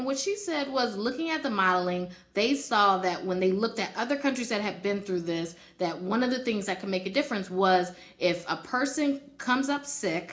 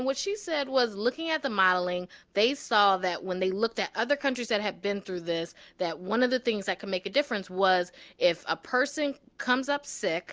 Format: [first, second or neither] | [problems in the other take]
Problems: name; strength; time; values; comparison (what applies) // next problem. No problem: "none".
second | room echo; dies away in 0.4 s